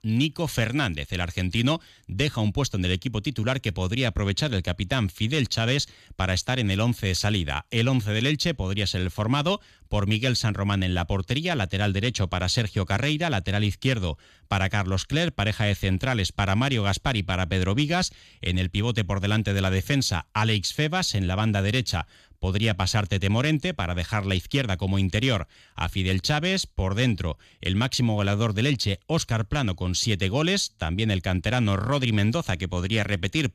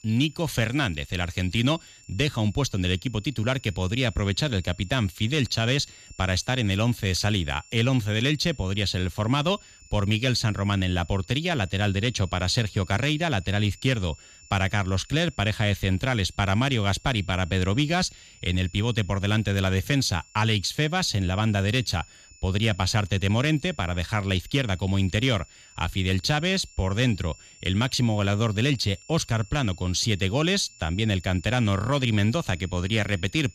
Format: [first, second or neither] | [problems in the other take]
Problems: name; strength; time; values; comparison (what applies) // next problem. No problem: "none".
first | high-pitched whine; faint; throughout; 7 kHz, 25 dB below the speech